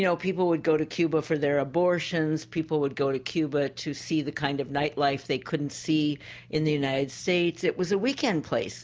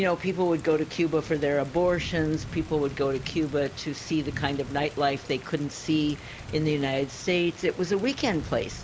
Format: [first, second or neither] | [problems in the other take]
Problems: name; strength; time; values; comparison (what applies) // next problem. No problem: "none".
first | background sound (Thunder / Rain); 14 dB below the speech